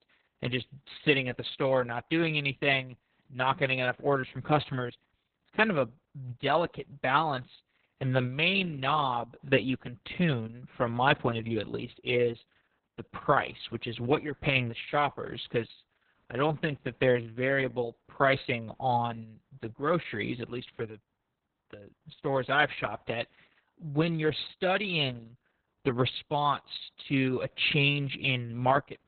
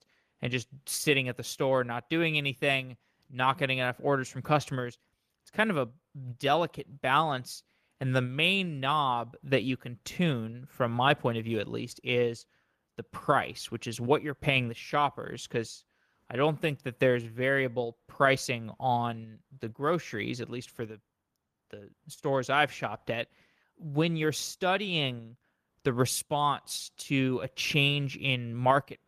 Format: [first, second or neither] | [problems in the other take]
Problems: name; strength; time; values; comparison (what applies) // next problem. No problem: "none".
second | garbled, watery; badly; nothing above 4 kHz; slightly in the second